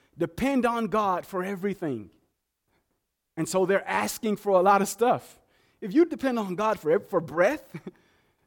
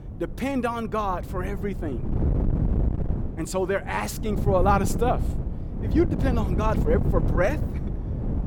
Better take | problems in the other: first | wind noise on the microphone; occasional gusts; 10 dB below the speech

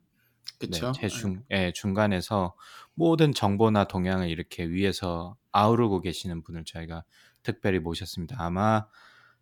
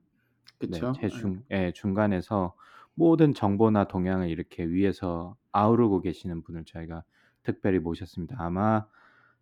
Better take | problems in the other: first | muffled; slightly; fading above 2.5 kHz

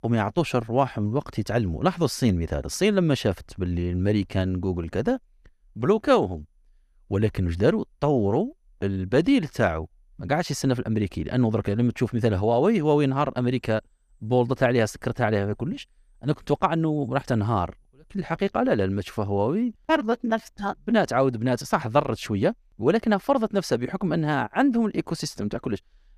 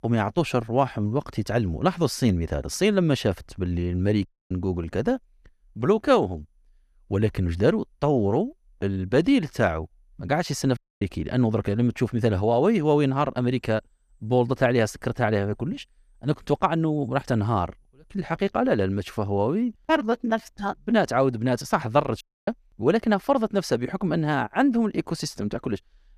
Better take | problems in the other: first | audio cutting out; at 4.5 s, at 11 s and at 22 s

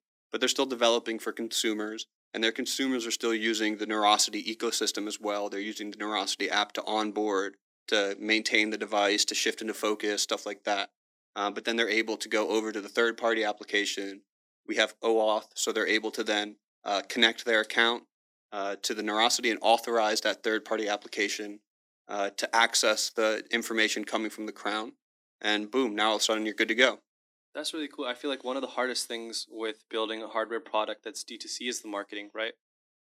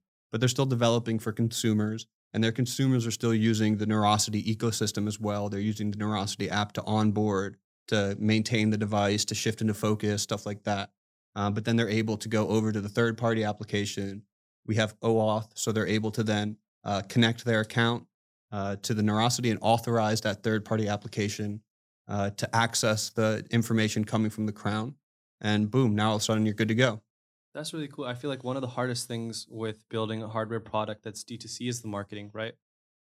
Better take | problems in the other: second | thin; somewhat; fading below 300 Hz

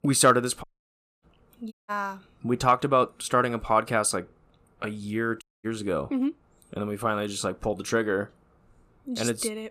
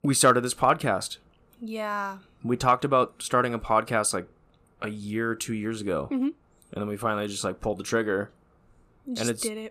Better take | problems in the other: second | audio cutting out; at 0.5 s for 0.5 s, at 1.5 s and at 5.5 s

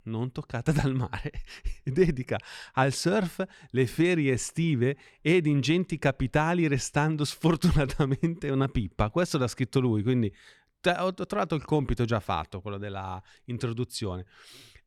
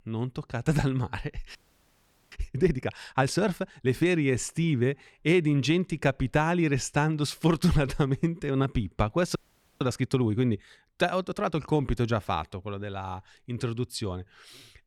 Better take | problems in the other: first | audio freezing; at 1.5 s for 1 s and at 9.5 s

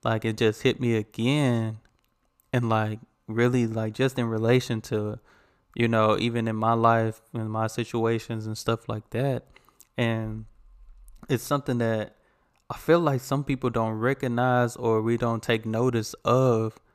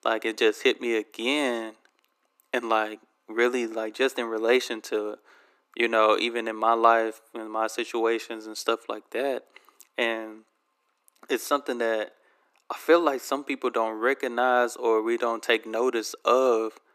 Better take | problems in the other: first | thin; somewhat; fading below 300 Hz

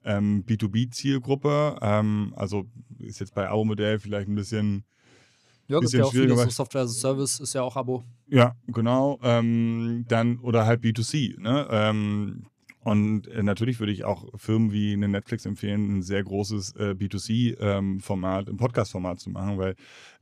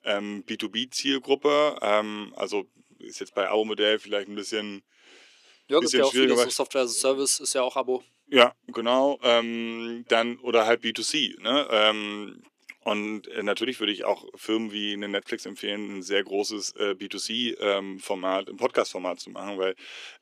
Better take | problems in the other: first | thin; somewhat; fading below 350 Hz

